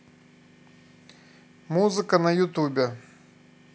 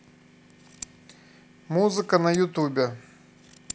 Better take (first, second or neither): first